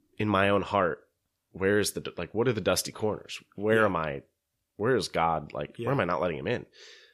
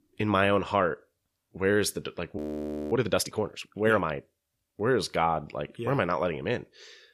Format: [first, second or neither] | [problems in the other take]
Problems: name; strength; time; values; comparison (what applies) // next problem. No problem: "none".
first | audio freezing; at 2.5 s for 0.5 s